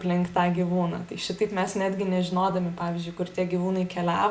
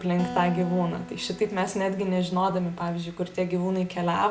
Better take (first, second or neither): first